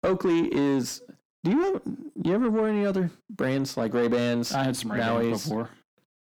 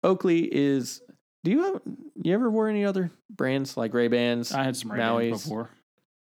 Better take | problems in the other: second | distortion; slight; 10 dB below the speech

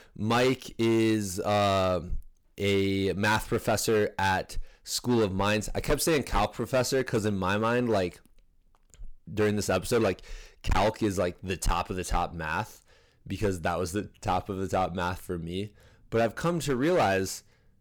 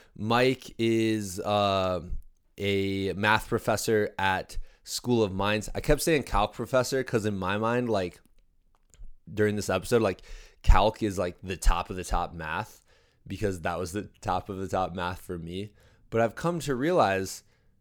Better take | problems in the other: second | distortion; heavy; 7% of the sound clipped

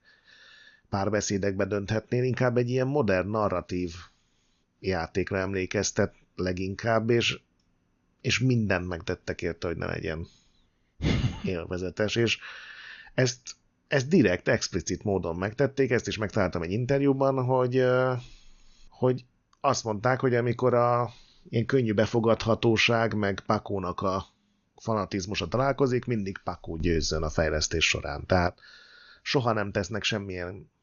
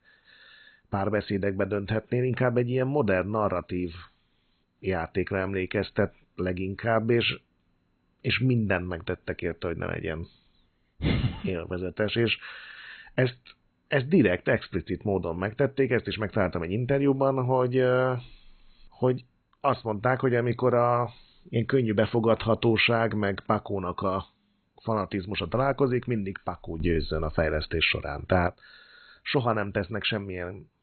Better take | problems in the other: first | garbled, watery; badly; nothing above 4 kHz; slightly in the first

